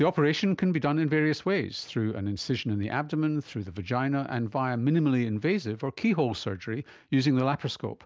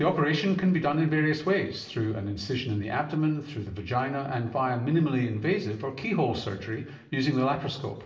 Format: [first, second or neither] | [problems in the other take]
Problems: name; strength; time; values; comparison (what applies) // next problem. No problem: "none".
first | room echo; dies away in 0.8 s